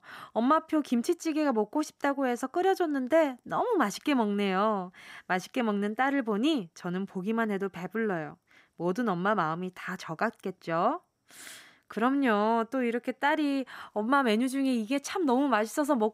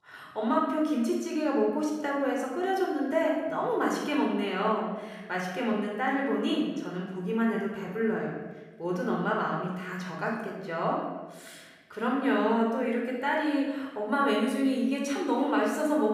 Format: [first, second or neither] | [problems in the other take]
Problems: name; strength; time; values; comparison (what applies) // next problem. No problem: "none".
first | off-mic speech; far // room echo; noticeable; dies away in 1.1 s